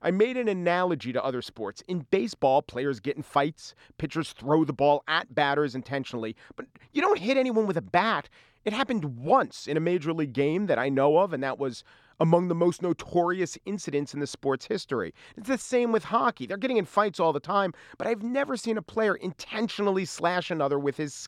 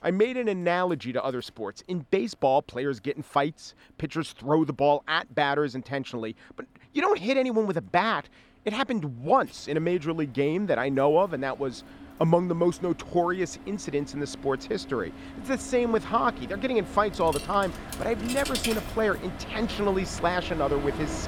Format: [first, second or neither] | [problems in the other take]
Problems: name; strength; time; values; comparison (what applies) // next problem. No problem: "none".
first | household noises; noticeable; throughout; 10 dB below the speech